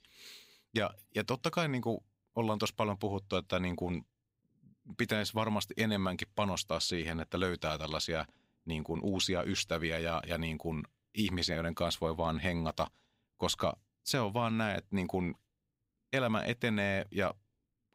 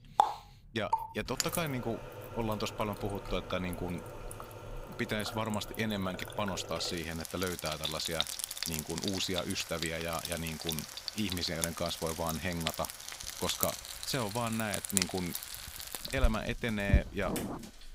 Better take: first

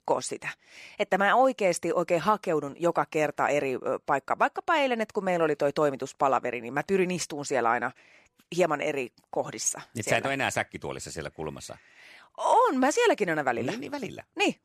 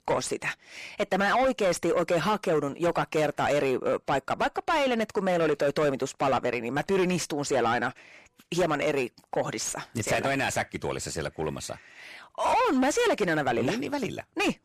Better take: first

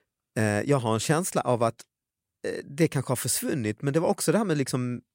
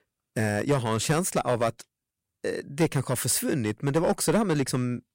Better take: first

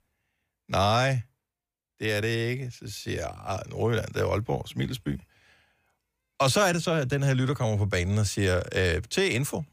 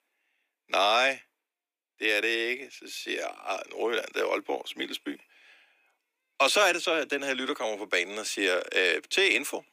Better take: first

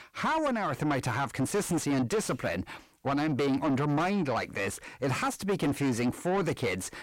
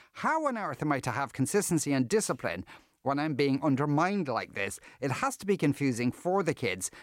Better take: second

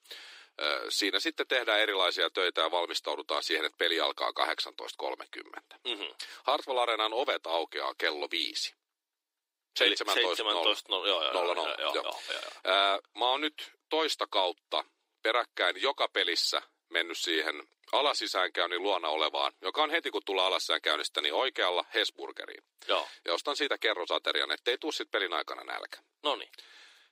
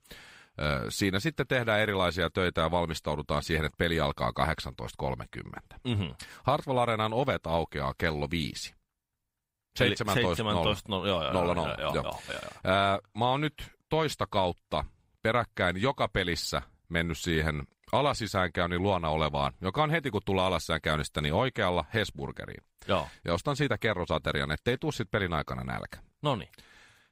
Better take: second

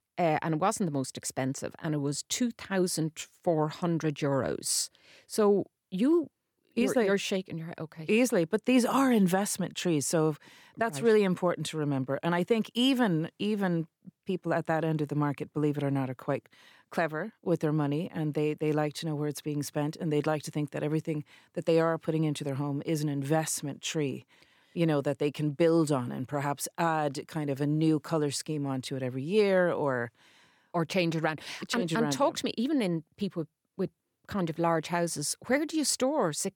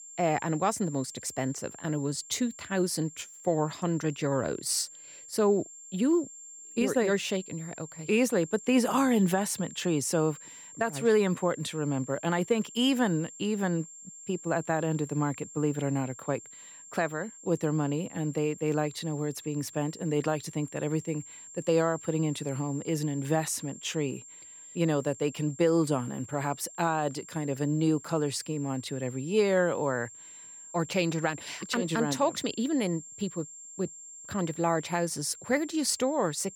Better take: first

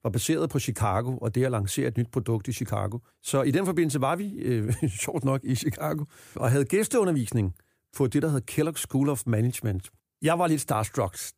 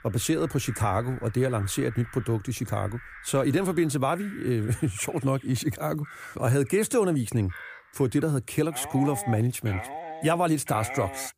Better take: first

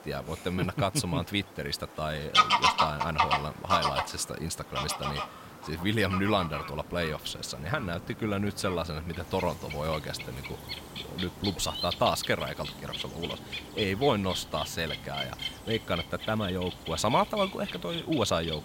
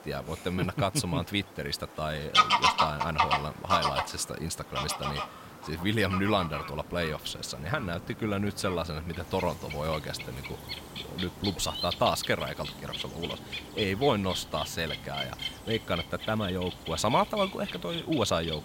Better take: neither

